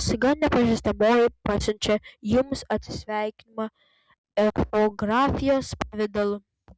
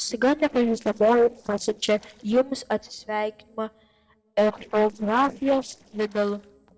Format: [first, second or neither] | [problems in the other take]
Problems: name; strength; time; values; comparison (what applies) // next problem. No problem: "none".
first | noise reduction (neural separator model SepFormer DNS4)